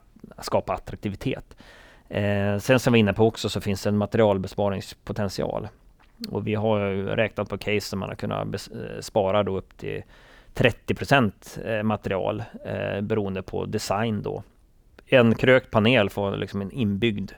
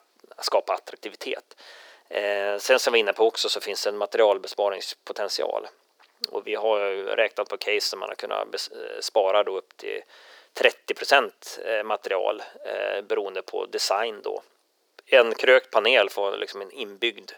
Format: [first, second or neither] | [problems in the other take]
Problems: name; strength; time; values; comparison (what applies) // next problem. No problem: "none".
first | thin; very; fading below 400 Hz